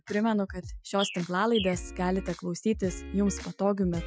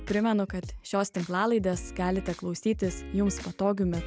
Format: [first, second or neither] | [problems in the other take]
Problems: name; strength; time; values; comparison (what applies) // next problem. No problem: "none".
second | noise reduction (classical method Wiener filter)